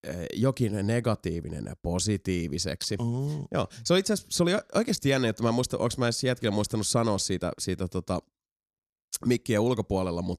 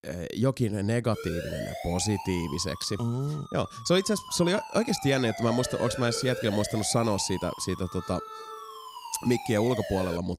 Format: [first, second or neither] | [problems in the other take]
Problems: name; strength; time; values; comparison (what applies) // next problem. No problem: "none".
first | siren; noticeable; from 1 s on; peak 7 dB below the speech